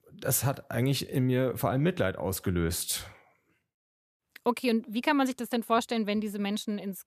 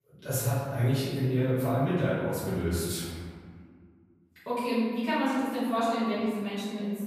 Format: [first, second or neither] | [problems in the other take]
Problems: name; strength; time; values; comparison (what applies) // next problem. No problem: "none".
first | room echo; strong; dies away in 1.7 s // off-mic speech; far